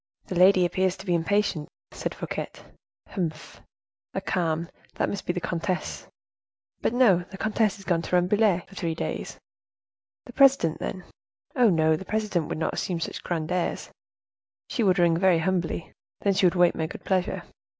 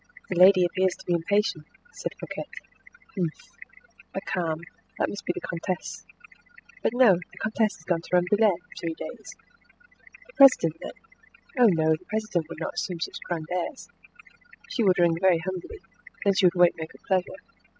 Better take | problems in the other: first | noise reduction (classical method spectral subtraction)

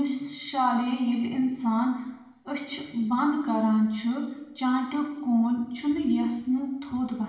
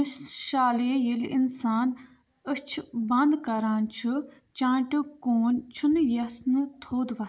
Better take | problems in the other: second | room echo; dies away in 1 s

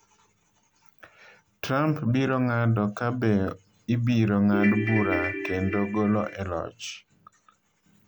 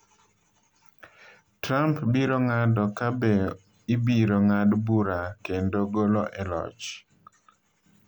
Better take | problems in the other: second | background sound (Ringtone / Keyboard (musical)); 4 dB below the speech

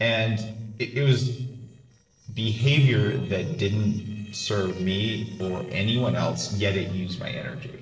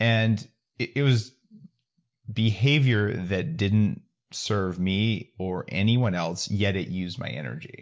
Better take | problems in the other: second | noise reduction (neural separator model SepFormer DNS4)

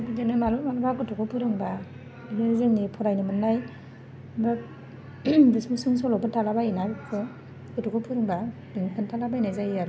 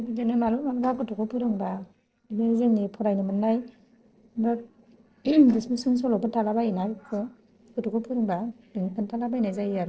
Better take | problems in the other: first | noise reduction (neural separator model SepFormer DNS4)

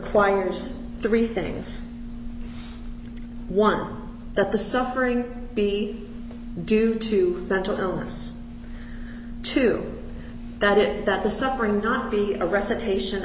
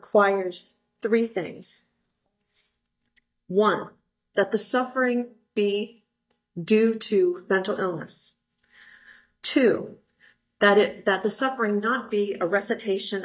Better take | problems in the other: first | noise reduction (neural mask model DeepFilterNet 3)

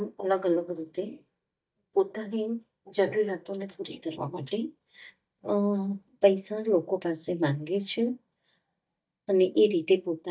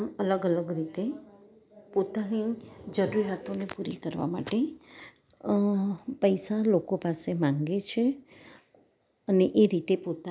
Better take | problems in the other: second | noise reduction (neural mask model DeepFilterNet 3)

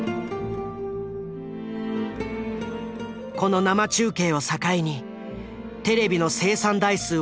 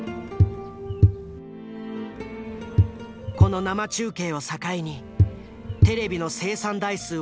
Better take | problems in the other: first | background sound (Walk, footsteps / Bird vocalization, bird call, bird song); 5 dB above the speech

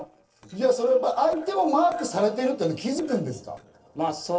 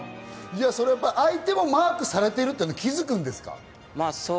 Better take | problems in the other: second | noise reduction (neural separator model SepFormer DNS4)

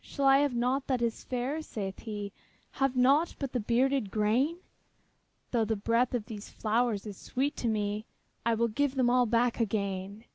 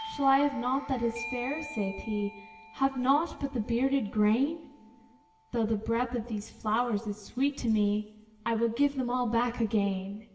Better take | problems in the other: first | background sound (Doorbell); 17 dB below the speech // room echo; dies away in 1.4 s

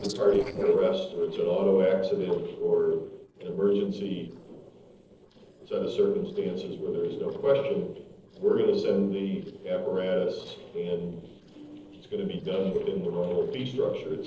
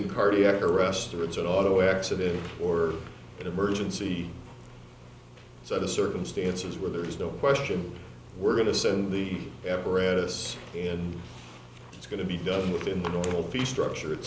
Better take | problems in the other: second | noise reduction (neural separator model SepFormer DNS4)

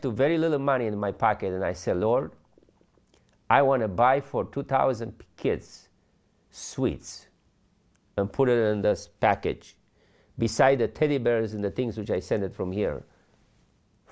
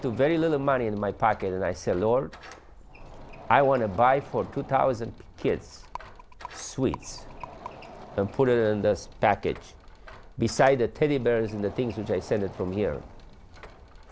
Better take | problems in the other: first | background sound (Door + Rattle); 17 dB below the speech

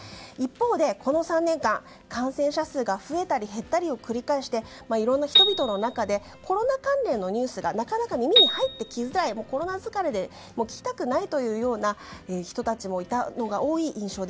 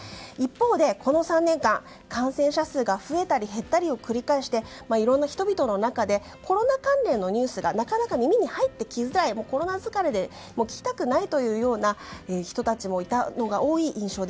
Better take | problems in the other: second | background sound (Piano); 1 dB above the speech

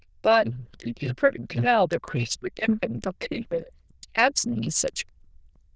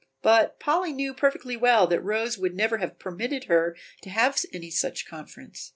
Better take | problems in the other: second | noise reduction (neural diffusion model UNIVERSE++)

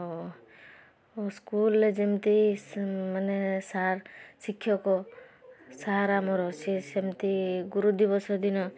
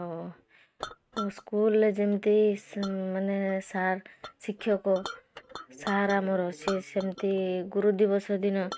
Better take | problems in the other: first | noise reduction (neural mask model RNNoise)

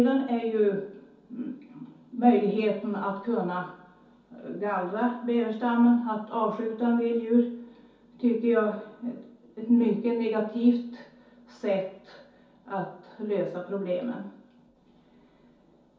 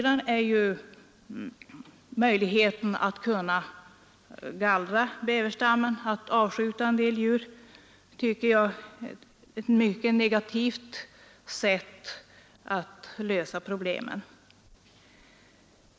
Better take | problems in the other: second | room echo; dies away in 0.6 s

